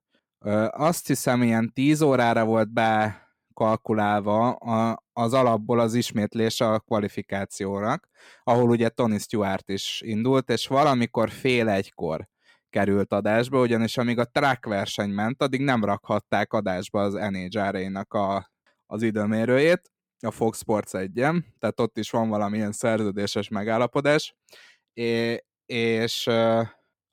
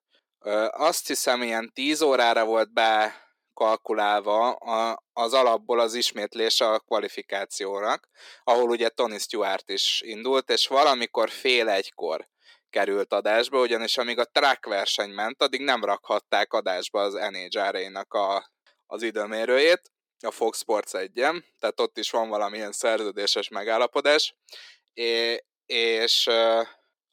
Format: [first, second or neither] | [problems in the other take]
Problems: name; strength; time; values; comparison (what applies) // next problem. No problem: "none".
first | thin; somewhat; fading below 350 Hz